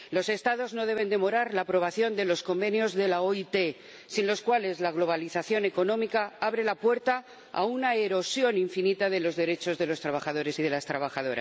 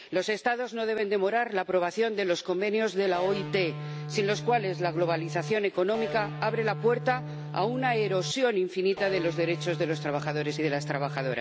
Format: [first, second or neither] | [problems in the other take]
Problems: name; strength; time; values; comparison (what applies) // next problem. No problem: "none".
first | background sound (Electric guitar); 8 dB below the speech